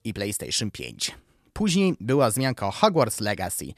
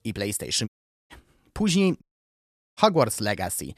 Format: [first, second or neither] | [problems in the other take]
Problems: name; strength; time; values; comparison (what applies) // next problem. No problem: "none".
first | audio cutting out; at 0.5 s and at 2 s for 1 s